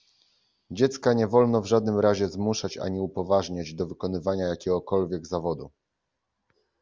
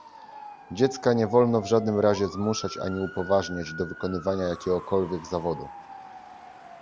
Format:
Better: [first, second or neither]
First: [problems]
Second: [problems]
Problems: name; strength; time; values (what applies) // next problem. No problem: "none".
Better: first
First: none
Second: background sound (Motor vehicle (road) / Siren); 15 dB below the speech